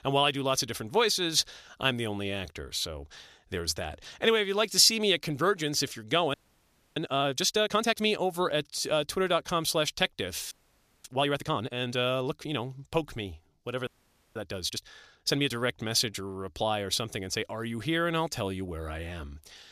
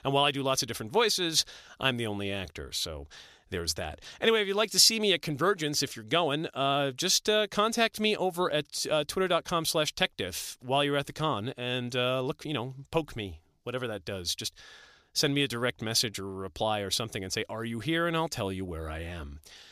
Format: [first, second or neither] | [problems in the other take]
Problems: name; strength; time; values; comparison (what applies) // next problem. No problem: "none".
second | audio freezing; at 6.5 s for 0.5 s, at 11 s for 0.5 s and at 14 s